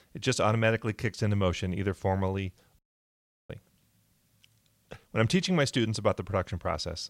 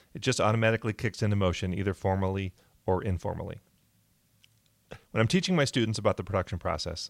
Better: second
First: audio cutting out; at 3 s for 0.5 s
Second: none

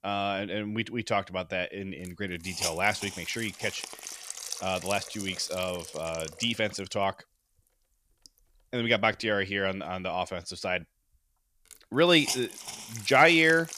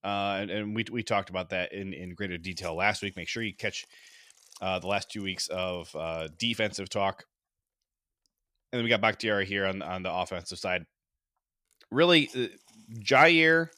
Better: second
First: hiss; loud; throughout; 10 dB below the speech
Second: hiss; faint; throughout; 30 dB below the speech

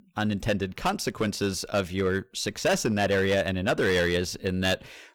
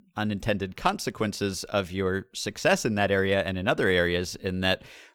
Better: second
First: distortion; slight; 7% of the sound clipped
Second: none

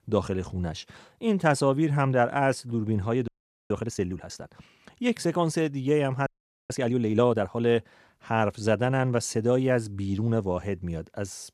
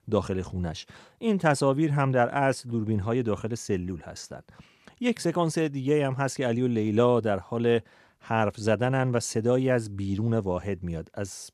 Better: second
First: audio freezing; at 3.5 s and at 6.5 s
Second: none

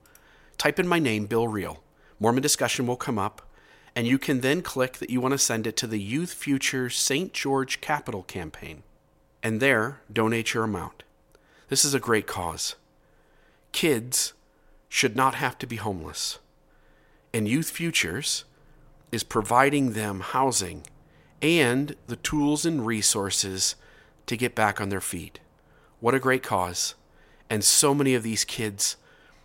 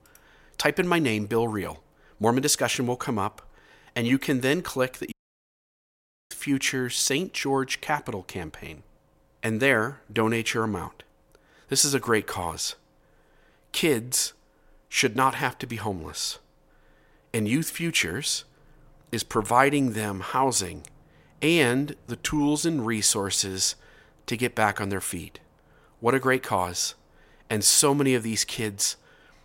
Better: first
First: none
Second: audio cutting out; at 5 s for 1 s

